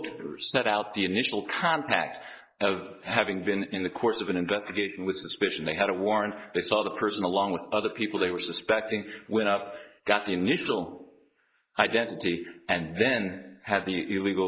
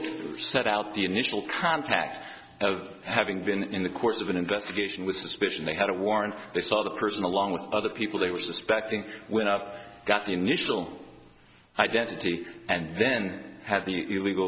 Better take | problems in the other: second | noise reduction (neural mask model Resemble Enhance denoiser)

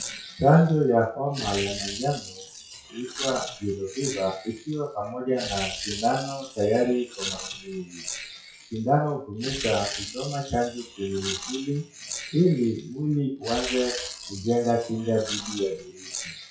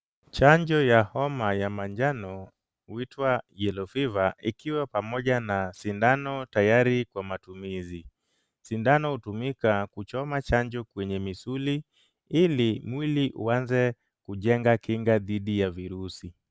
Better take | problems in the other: second | noise reduction (classical method WPE with log-MMSE)

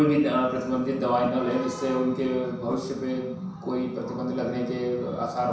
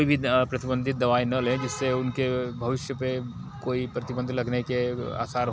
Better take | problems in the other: second | background sound (Whoosh, swoosh, swish); 20 dB below the speech // room echo; dies away in 0.7 s

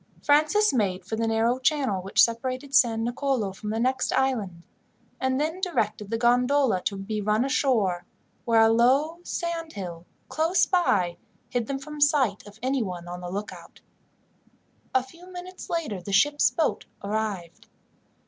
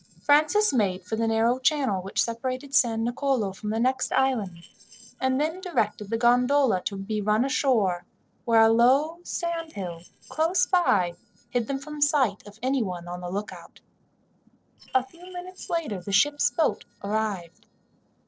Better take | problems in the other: first | noise reduction (neural separator model SepFormer DNS4)

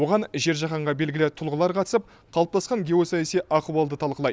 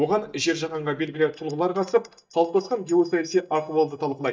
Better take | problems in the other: first | noise reduction (neural mask model DeepFilterNet 3)

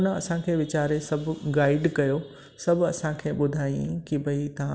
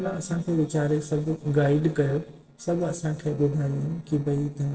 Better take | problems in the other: first | noise reduction (neural separator model SepFormer DNS4)

